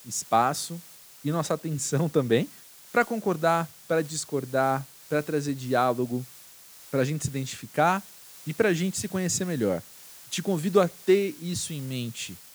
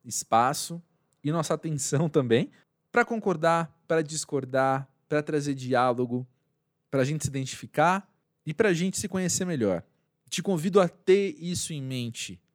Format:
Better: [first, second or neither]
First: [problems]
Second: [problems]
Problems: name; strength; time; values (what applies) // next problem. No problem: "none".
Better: second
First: hiss; noticeable; throughout; 20 dB below the speech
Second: none